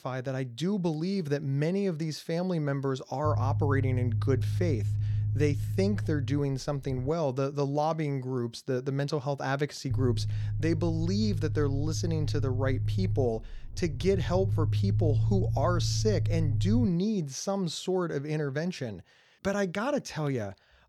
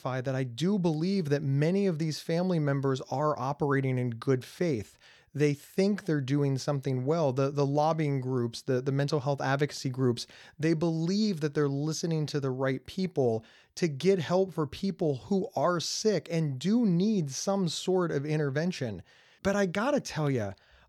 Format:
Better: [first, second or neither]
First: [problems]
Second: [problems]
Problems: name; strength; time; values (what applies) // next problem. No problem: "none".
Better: second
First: low rumble; noticeable; from 3.5 to 7 s and from 10 to 17 s; 10 dB below the speech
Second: none